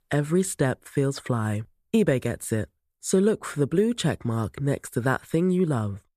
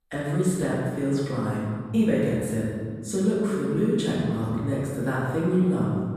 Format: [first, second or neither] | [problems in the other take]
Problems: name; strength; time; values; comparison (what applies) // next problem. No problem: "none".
first | off-mic speech; far // room echo; strong; dies away in 1.8 s